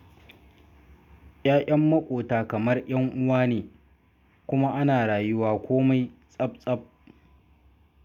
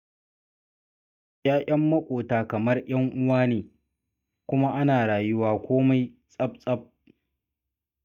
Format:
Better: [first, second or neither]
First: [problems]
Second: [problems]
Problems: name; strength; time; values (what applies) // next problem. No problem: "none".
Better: first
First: none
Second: noise reduction (neural mask model DeepFilterNet 3)